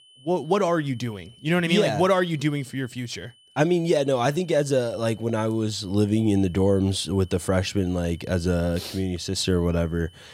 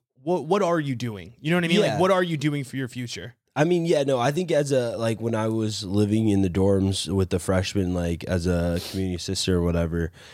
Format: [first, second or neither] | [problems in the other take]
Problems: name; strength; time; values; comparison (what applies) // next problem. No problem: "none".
second | high-pitched whine; faint; throughout; 3 kHz, 30 dB below the speech